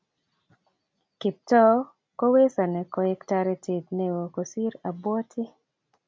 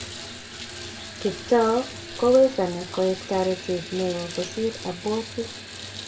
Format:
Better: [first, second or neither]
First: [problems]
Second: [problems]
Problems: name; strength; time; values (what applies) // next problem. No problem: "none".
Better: first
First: none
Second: background sound (Bathtub (filling or washing) / Water tap, faucet); 12 dB below the speech // room echo; dies away in 0.2 s